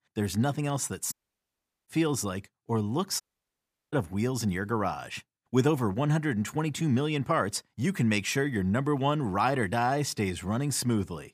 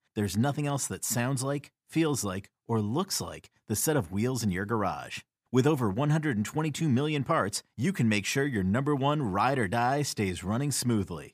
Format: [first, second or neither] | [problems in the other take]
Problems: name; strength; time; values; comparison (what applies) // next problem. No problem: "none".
second | audio cutting out; at 1 s for 1 s and at 3 s for 0.5 s